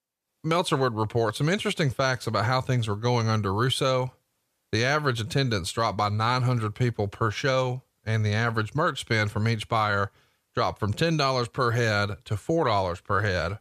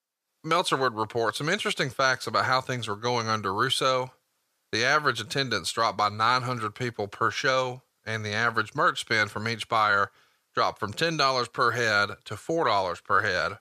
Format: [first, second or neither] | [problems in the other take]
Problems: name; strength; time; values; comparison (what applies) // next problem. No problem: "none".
first | thin; somewhat; fading below 750 Hz